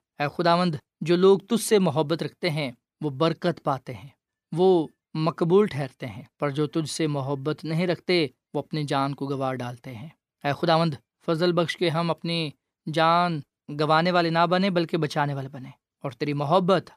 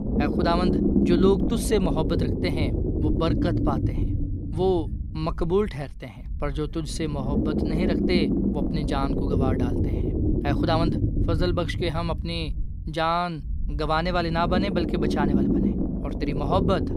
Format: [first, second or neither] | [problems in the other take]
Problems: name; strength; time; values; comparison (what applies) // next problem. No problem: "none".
first | low rumble; loud; throughout; 3 dB below the speech